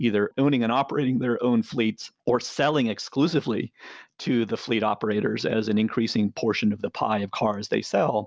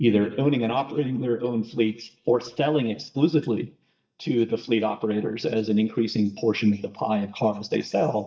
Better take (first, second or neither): first